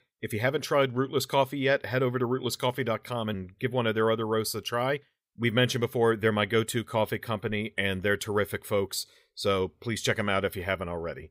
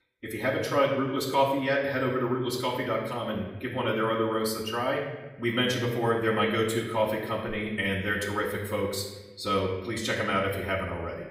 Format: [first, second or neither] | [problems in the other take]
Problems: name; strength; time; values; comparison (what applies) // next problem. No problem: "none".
first | off-mic speech; far // room echo; noticeable; dies away in 1 s